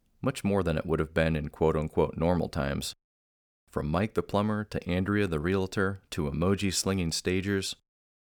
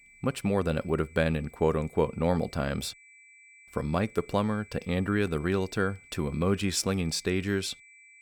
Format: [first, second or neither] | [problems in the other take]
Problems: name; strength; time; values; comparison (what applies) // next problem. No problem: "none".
first | high-pitched whine; faint; throughout; 2.5 kHz, 25 dB below the speech